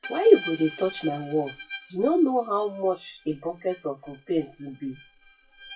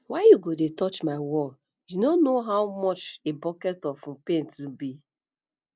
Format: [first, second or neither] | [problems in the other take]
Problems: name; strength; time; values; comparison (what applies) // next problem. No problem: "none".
second | noise reduction (classical method WPE with log-MMSE)